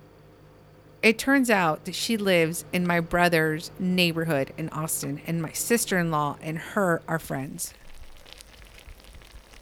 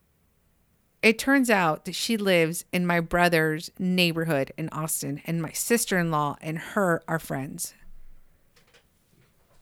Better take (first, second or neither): second